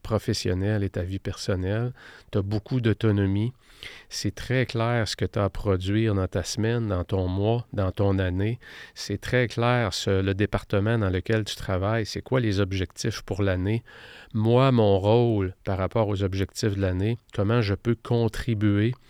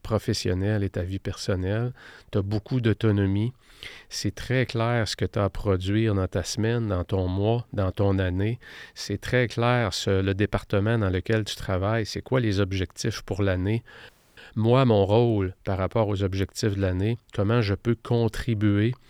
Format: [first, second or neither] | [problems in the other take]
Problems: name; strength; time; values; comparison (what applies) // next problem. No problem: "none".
first | audio freezing; at 14 s